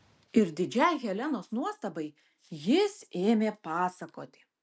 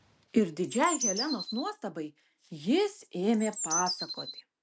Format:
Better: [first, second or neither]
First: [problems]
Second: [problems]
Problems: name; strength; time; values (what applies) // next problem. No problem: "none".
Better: first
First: none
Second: background sound (Bird); 4 dB below the speech